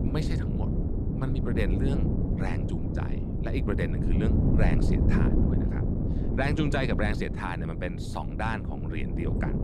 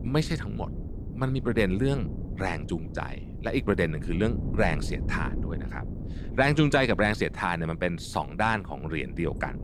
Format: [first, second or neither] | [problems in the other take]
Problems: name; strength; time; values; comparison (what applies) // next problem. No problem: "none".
second | wind noise on the microphone; heavy; 2 dB below the speech; occasional gusts in the second